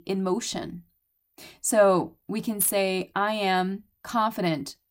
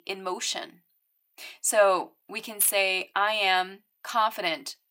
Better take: first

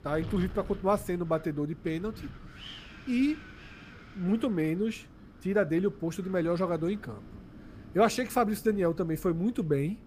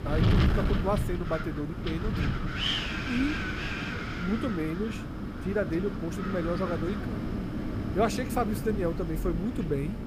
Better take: first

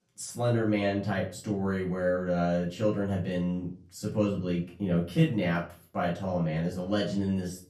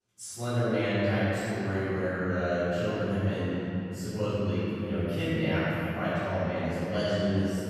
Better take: first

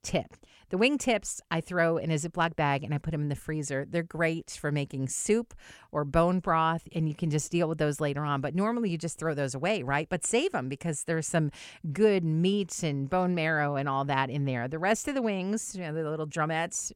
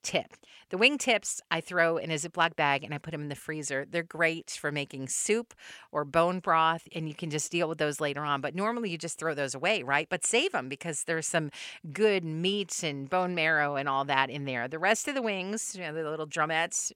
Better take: first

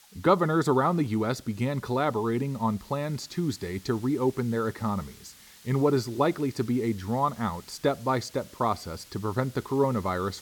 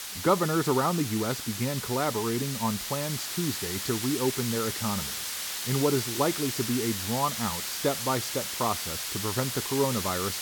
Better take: first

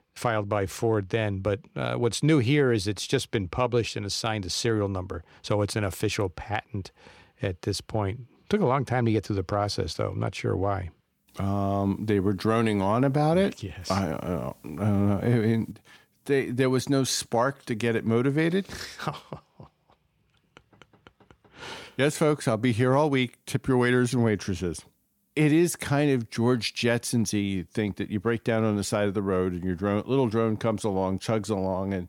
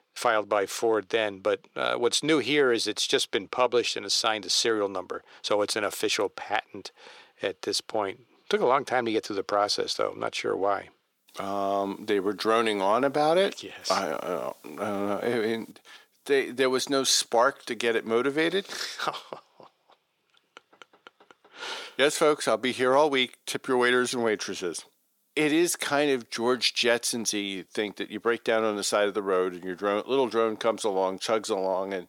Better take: first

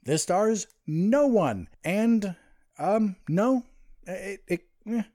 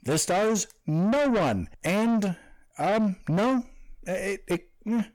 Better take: first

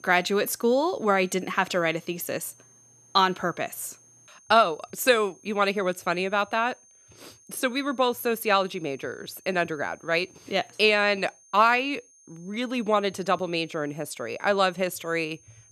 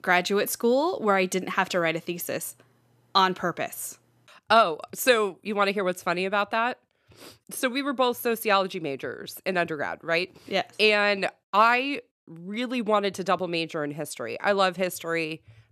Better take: second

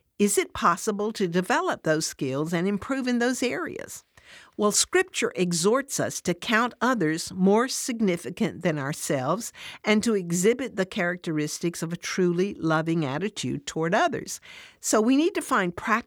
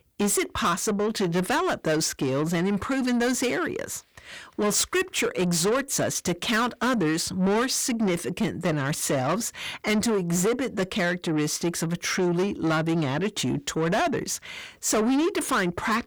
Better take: first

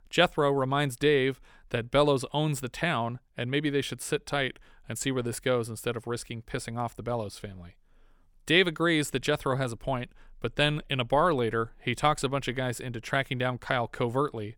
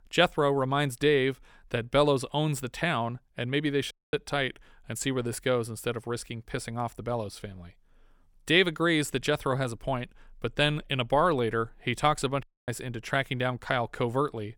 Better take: first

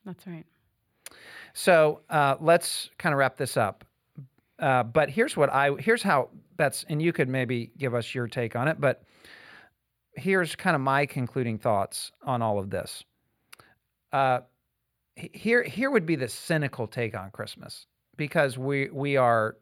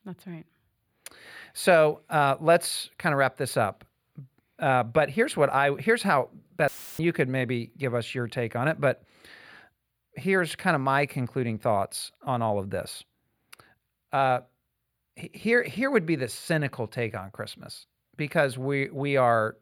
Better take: first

